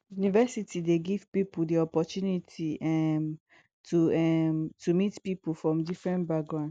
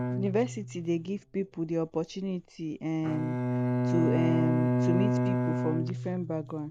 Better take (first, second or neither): first